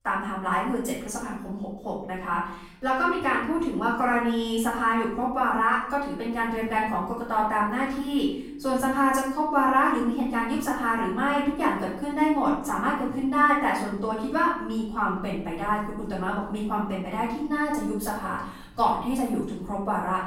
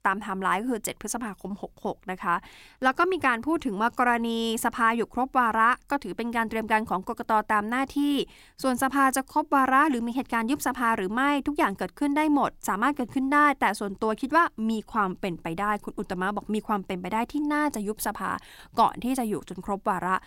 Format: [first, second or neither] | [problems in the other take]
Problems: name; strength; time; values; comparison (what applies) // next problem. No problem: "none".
second | off-mic speech; far // room echo; noticeable; dies away in 0.7 s